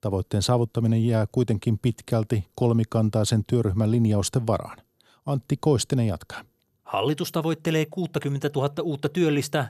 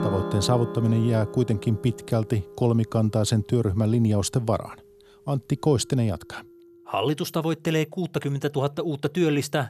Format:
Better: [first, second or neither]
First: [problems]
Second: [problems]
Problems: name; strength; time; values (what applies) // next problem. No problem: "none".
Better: first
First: none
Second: background music; noticeable; throughout; 15 dB below the speech